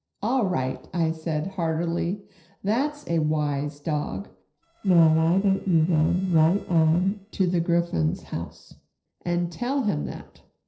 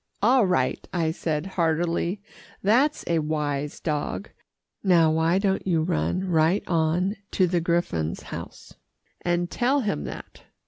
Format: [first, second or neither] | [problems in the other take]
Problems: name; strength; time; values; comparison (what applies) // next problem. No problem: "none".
second | noise reduction (neural separator model SepFormer DNS4)